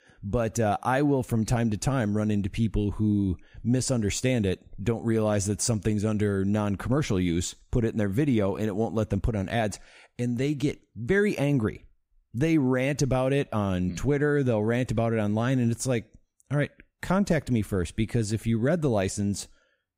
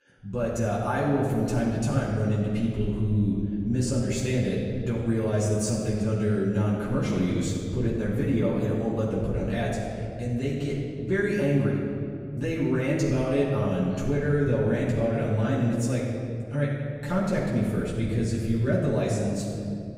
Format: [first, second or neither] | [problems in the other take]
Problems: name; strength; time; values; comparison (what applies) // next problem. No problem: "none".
first | off-mic speech; far // room echo; noticeable; dies away in 2.7 s